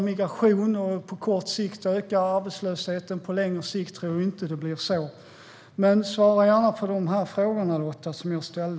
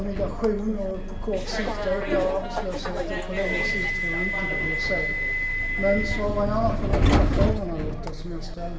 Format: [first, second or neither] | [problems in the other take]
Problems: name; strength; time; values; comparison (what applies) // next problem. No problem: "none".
first | background sound (Subway, metro, underground); 3 dB above the speech // room echo; dies away in 1.9 s